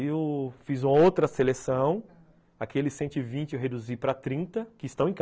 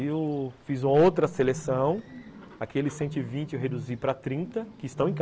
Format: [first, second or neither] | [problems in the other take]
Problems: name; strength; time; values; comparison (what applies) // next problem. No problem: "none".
first | background sound (Bird); 14 dB below the speech